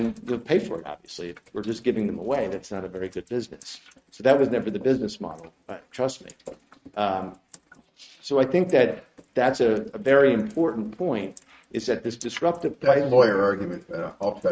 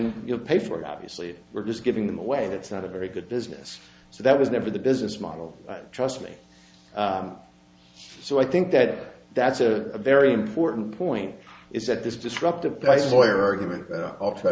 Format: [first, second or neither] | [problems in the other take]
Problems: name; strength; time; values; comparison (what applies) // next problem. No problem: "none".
second | noise reduction (neural mask model RNNoise)